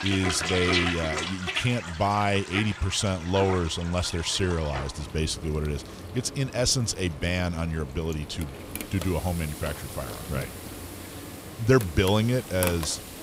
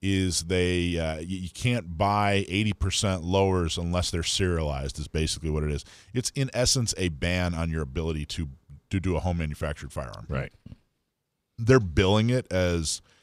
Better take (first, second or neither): second